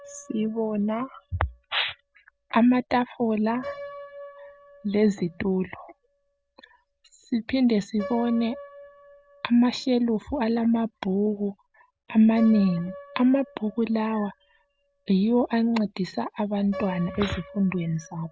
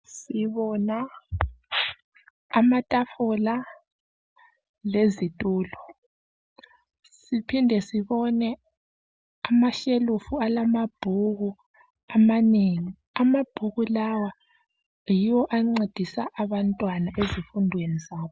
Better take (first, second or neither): second